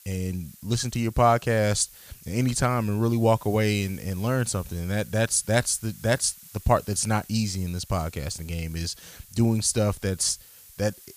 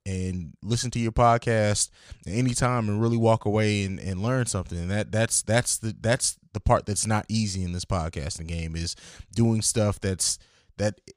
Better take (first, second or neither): second